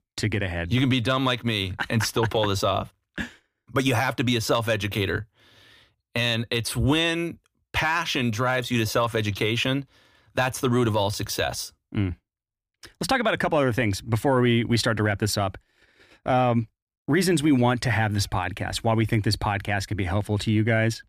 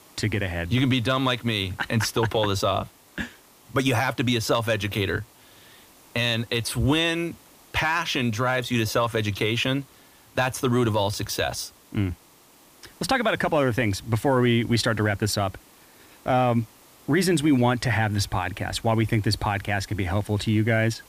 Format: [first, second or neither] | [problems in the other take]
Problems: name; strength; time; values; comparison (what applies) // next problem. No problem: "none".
first | hiss; faint; throughout; 25 dB below the speech